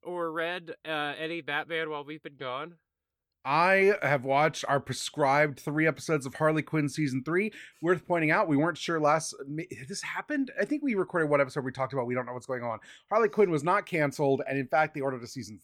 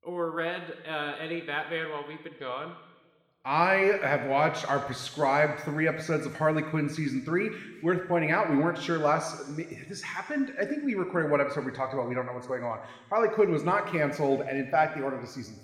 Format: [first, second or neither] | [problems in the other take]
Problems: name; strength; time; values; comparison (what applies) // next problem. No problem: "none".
first | room echo; slight; dies away in 1.4 s